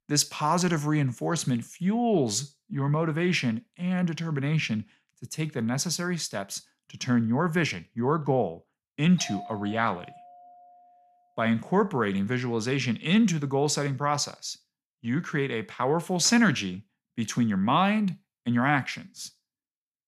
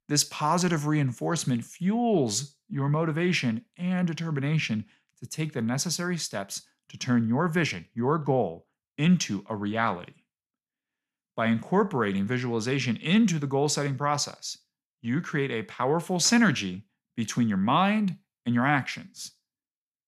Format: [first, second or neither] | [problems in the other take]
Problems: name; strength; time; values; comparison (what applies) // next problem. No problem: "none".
second | doorbell; faint; from 9 to 11 s; peak 10 dB below the speech